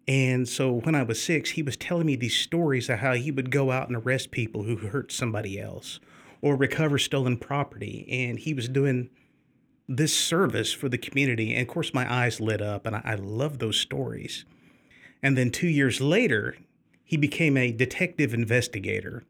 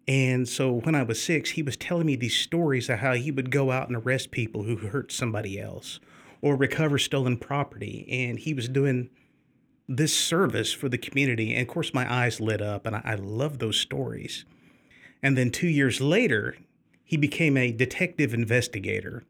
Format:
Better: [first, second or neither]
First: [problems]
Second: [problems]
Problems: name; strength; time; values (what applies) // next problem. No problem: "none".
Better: neither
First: none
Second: none